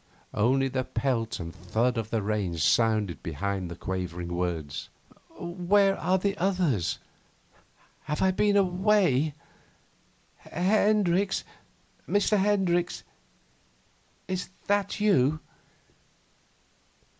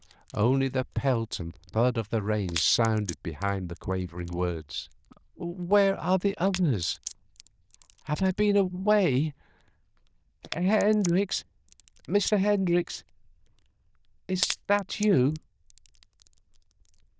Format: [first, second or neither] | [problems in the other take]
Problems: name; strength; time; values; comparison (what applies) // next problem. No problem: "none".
first | noise reduction (neural diffusion model UNIVERSE++)